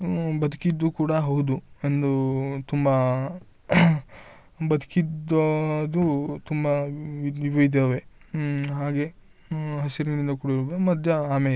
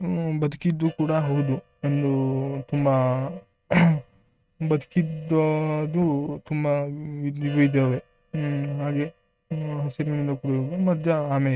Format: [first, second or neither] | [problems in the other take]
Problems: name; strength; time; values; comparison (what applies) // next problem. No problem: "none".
first | noise reduction (neural mask model RNNoise)